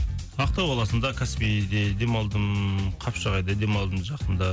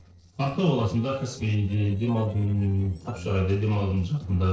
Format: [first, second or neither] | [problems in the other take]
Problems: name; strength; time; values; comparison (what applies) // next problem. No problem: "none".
first | noise reduction (neural separator model SepFormer DNS4)